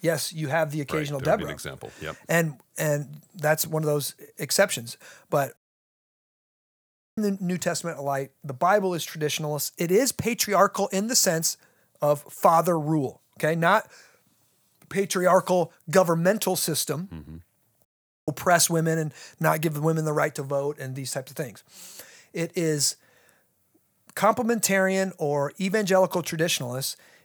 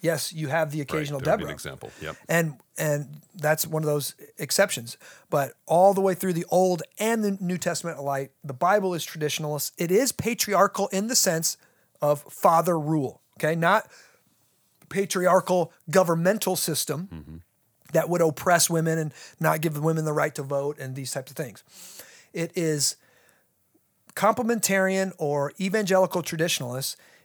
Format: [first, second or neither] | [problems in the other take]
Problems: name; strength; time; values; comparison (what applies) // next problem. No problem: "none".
second | audio cutting out; at 5.5 s for 1.5 s and at 18 s